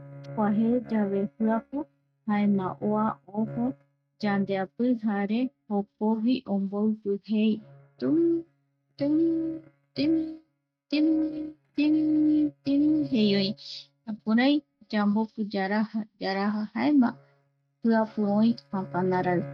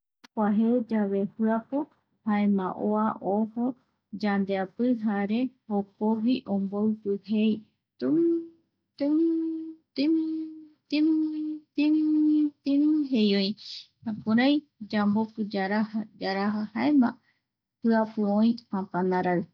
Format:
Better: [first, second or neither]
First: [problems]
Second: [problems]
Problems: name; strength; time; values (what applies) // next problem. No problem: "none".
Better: second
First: noise reduction (neural mask model RNNoise)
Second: none